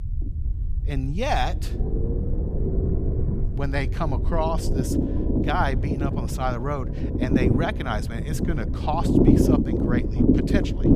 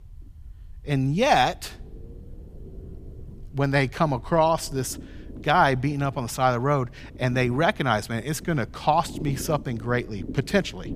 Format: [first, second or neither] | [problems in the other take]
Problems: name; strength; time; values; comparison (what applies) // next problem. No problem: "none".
second | low rumble; loud; throughout; 1 dB below the speech; faint in the second